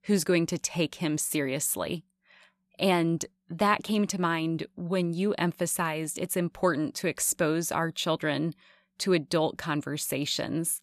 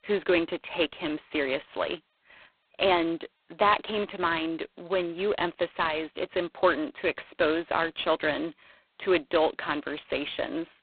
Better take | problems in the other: first | phone-call audio; poor line; nothing above 4 kHz

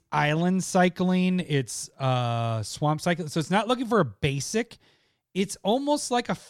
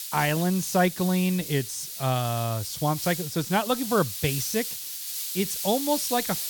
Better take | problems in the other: first | hiss; loud; throughout; 5 dB below the speech

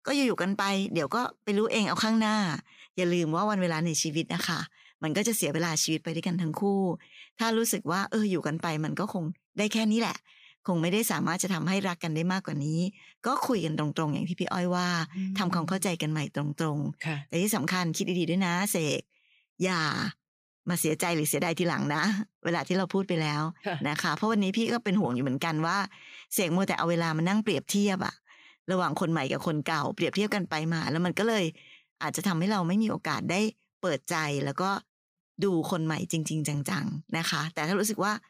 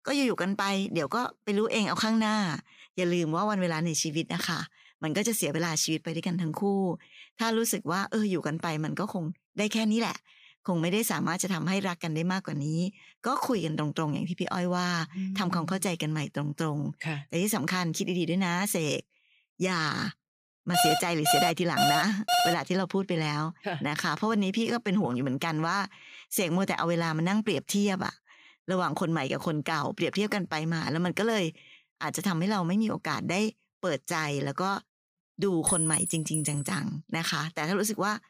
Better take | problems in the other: first | alarm; loud; from 21 to 23 s; peak 4 dB above the speech // clattering dishes; loud; from 36 to 37 s; peak 5 dB above the speech

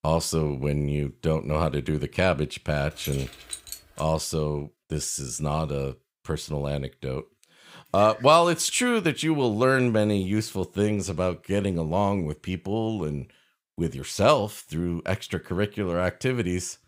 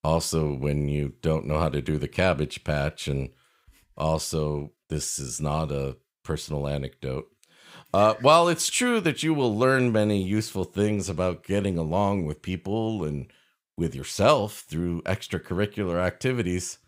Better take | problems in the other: second | jangling keys; faint; from 3 to 4 s; peak 10 dB below the speech

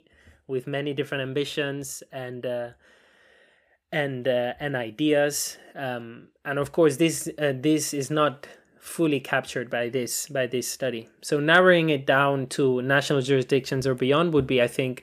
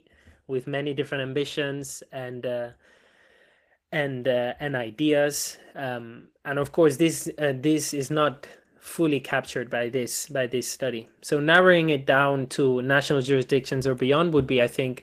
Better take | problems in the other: first | garbled, watery; slightly; nothing above 15 kHz

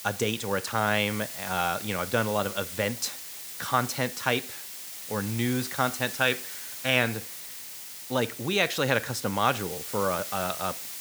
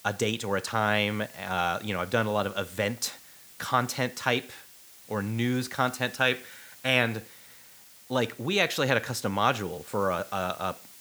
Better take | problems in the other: second | hiss; loud; throughout; 8 dB below the speech; faint in the second

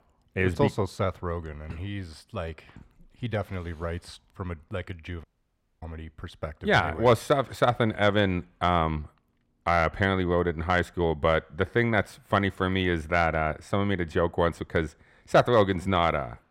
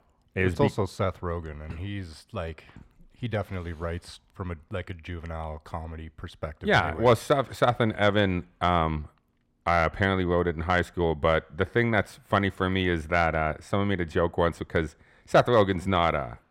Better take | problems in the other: second | audio cutting out; at 5 s for 0.5 s

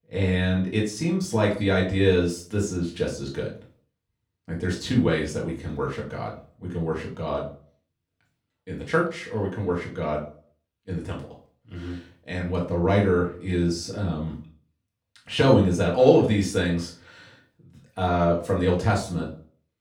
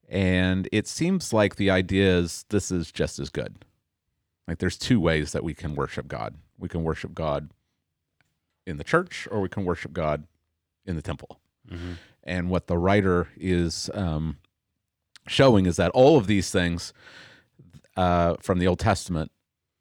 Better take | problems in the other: second | off-mic speech; far // room echo; slight; dies away in 0.3 s

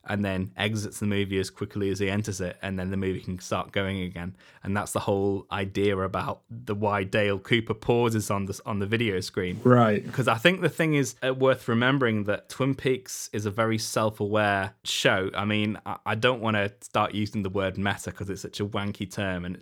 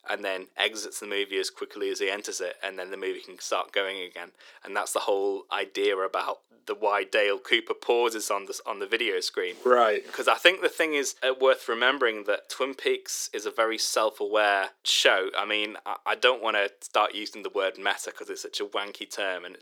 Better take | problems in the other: first | thin; very; fading below 350 Hz

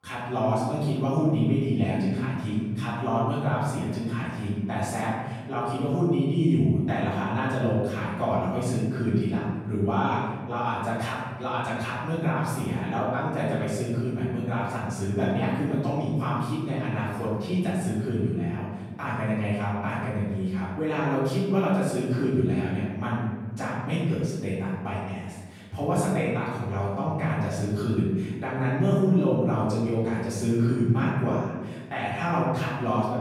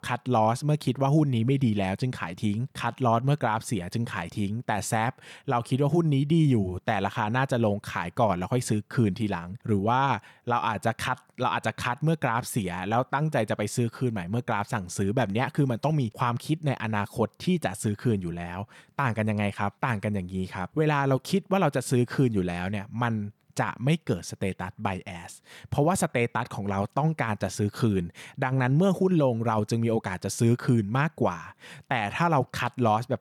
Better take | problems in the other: second | room echo; strong; dies away in 1.5 s // off-mic speech; far

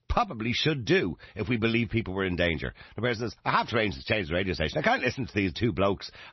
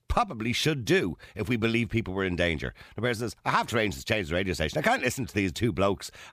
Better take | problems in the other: second | garbled, watery; slightly; nothing above 6 kHz

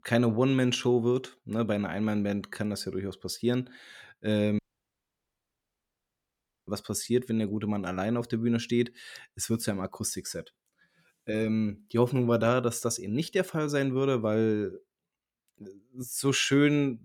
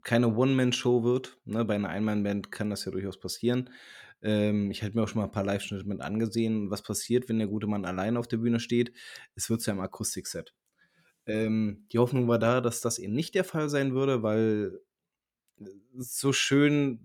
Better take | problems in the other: second | audio cutting out; at 4.5 s for 2 s

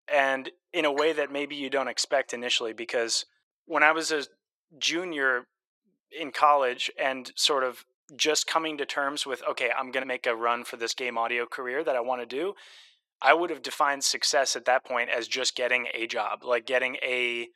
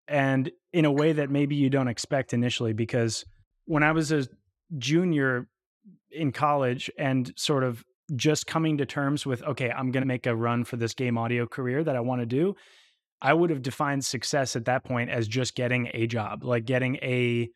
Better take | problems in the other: second | thin; very; fading below 500 Hz

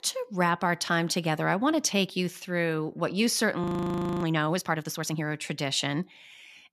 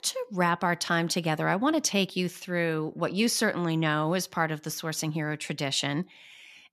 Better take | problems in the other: second | audio freezing; at 3.5 s for 0.5 s

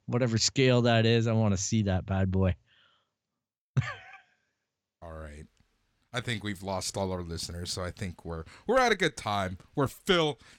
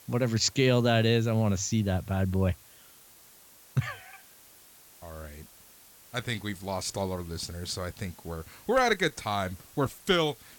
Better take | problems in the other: first | hiss; faint; throughout; 25 dB below the speech

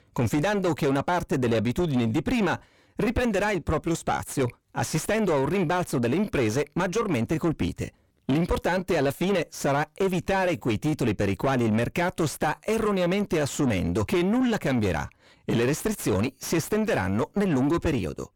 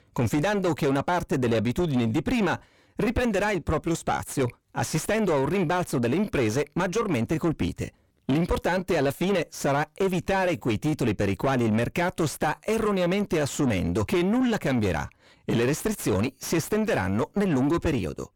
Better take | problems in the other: neither | distortion; heavy; 7 dB below the speech; the same in both

